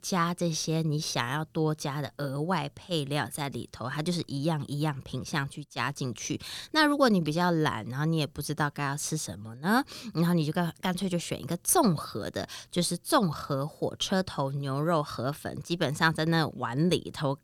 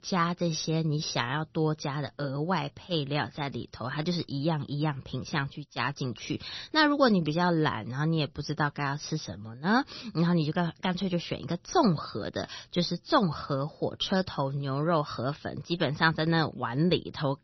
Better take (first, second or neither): first